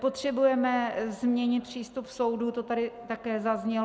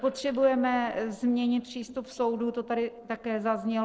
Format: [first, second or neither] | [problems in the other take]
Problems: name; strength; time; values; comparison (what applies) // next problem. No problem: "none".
first | noise reduction (neural separator model SepFormer DNS4)